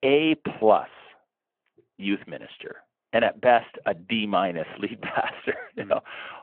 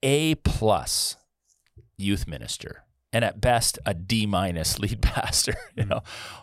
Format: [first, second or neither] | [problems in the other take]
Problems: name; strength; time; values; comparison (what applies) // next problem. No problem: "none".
second | phone-call audio